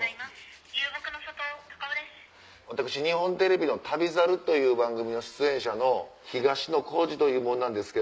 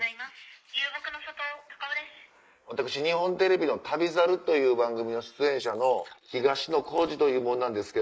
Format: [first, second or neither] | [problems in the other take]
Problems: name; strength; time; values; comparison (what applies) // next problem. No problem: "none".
first | noise reduction (neural mask model Resemble Enhance denoiser)